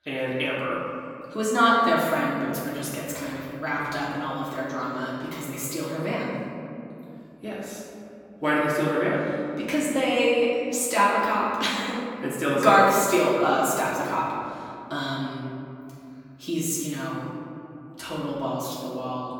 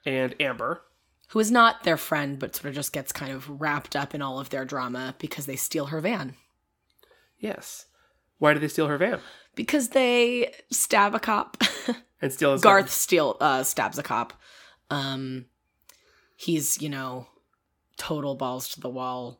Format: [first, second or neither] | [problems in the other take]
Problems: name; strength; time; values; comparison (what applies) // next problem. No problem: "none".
second | off-mic speech; far // room echo; noticeable; dies away in 2.6 s